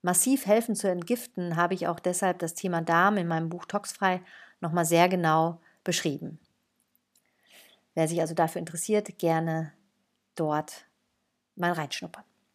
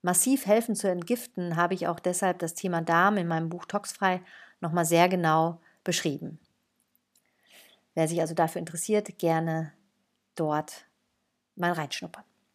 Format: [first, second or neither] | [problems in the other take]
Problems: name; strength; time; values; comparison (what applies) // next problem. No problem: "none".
neither | none